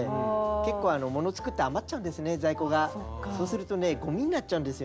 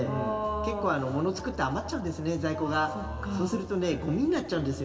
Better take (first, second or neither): first